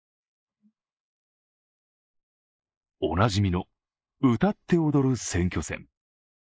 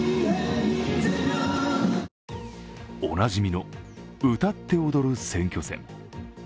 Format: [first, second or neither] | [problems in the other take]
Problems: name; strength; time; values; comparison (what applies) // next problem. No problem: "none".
second | noise reduction (neural mask model Resemble Enhance denoiser)